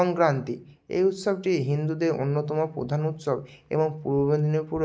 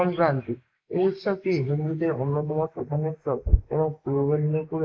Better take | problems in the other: first | noise reduction (neural mask model Resemble Enhance denoiser)

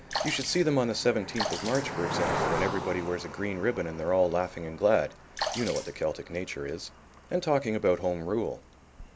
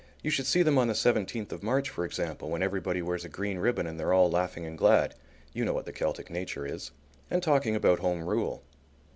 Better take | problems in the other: second | background sound (Sink (filling or washing) / Water / Splash, splatter + Cricket); 7 dB below the speech

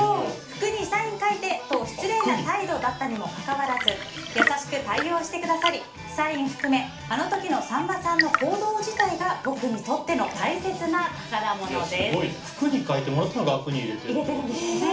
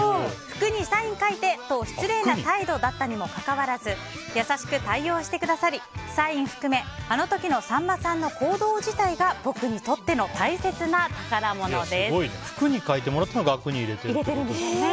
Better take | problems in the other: second | background sound (Tap / Fill (with liquid) / Trickle, dribble / Chirp, tweet / Engine); 9 dB below the speech // room echo; dies away in 0.4 s

